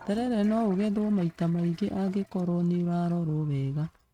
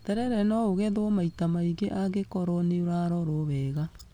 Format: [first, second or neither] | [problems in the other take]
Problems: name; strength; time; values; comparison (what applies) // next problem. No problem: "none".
second | noise reduction (neural mask model RNNoise)